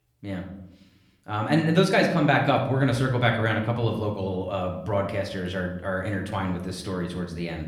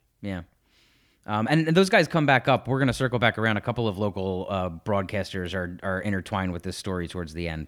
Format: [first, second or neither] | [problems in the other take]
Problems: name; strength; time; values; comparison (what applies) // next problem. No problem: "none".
second | room echo; slight; dies away in 0.7 s // off-mic speech; somewhat distant